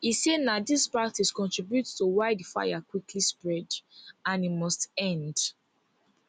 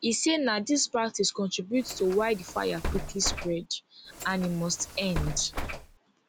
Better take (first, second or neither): first